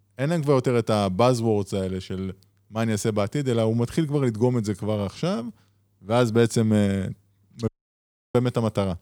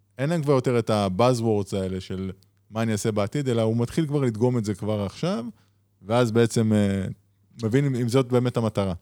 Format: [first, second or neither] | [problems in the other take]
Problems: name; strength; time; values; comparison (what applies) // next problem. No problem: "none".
second | audio cutting out; at 7.5 s for 0.5 s